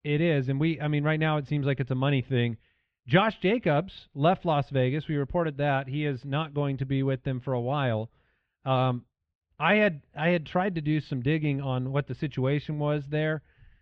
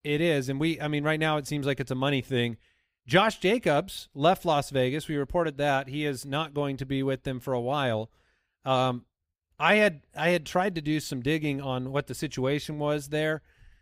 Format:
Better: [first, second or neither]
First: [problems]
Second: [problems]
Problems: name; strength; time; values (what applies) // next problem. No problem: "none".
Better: second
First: muffled; slightly; fading above 3.5 kHz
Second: none